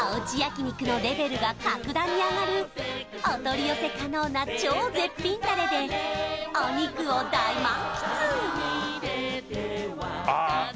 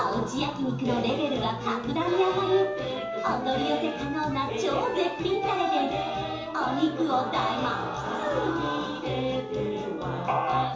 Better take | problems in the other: first | background sound (Wind instrument, woodwind instrument); 12 dB below the speech // room echo; dies away in 0.7 s

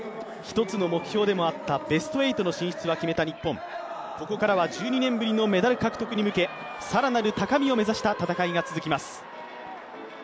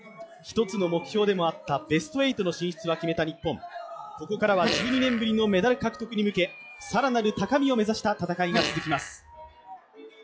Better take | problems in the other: first | noise reduction (classical method log-MMSE)

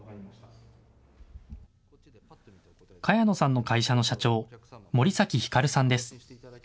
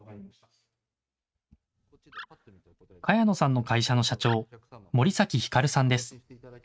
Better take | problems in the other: first | noise reduction (neural mask model RNNoise)

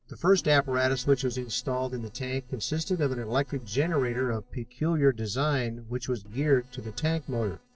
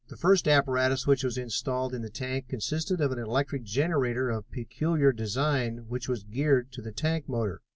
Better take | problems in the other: second | noise reduction (neural separator model SepFormer DNS4)

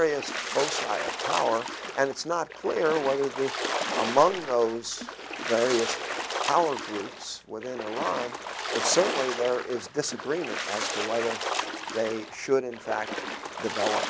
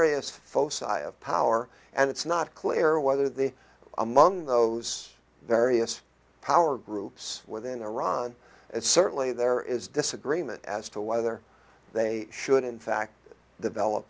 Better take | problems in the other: second | background sound (Splash, splatter); 4 dB below the speech

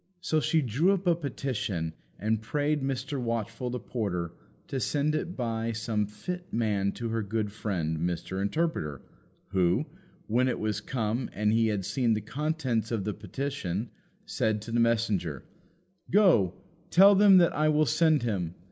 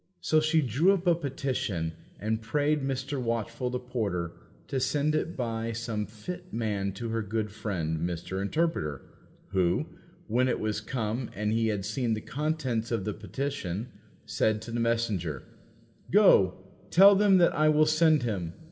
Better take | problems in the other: first | room echo; dies away in 0.5 s

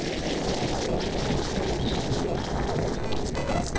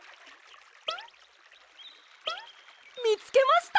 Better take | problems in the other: second | noise reduction (neural separator model SepFormer DNS4)

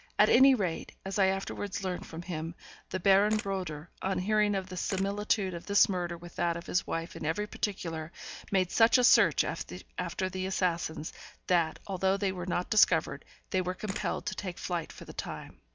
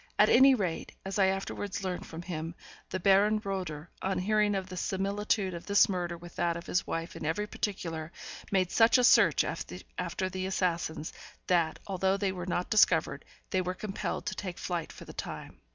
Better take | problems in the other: second | background sound (Camera); 18 dB below the speech

